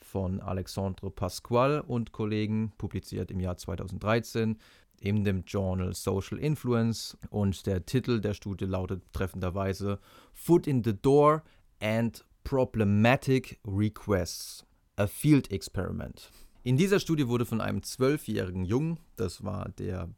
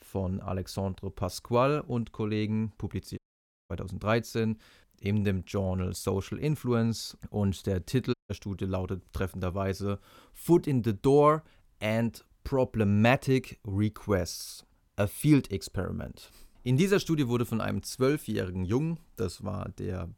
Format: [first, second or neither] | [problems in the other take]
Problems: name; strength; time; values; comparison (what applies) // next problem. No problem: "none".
first | audio cutting out; at 3 s for 0.5 s and at 8 s